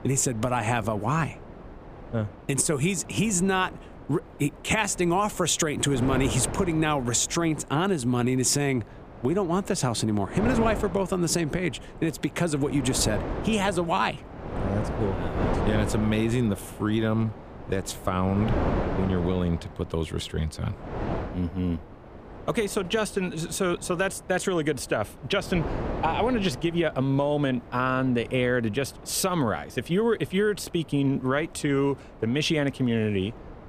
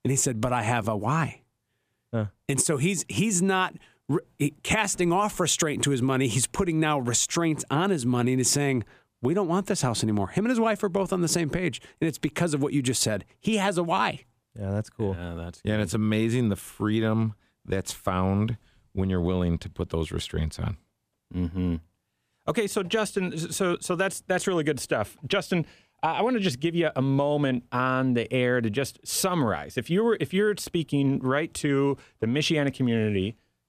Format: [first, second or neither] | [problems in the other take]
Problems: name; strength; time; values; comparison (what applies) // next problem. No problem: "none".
second | wind noise on the microphone; occasional gusts; 10 dB below the speech